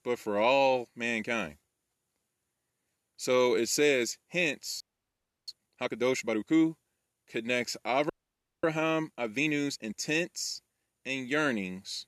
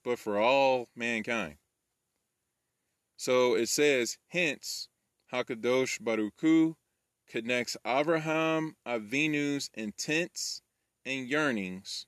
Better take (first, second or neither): second